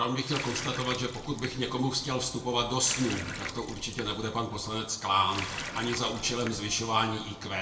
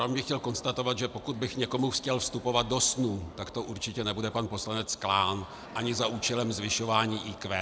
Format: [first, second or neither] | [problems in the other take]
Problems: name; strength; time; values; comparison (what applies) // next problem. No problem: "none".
second | background sound (Water tap, faucet); 10 dB below the speech // room echo; dies away in 0.6 s